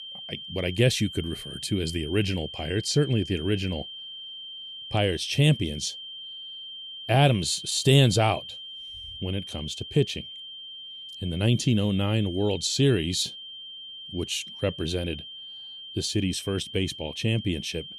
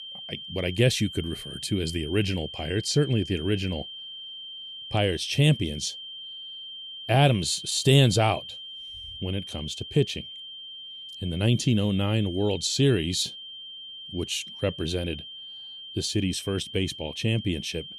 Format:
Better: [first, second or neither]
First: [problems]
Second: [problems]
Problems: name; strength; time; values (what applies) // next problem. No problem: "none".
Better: neither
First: high-pitched whine; noticeable; throughout; 3 kHz, 10 dB below the speech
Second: high-pitched whine; noticeable; throughout; 3 kHz, 10 dB below the speech